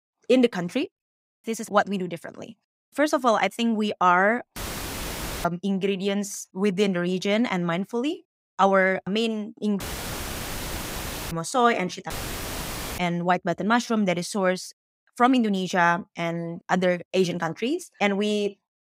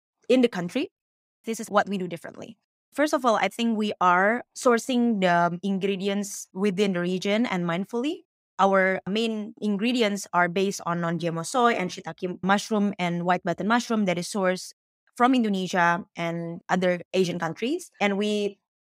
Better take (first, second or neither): second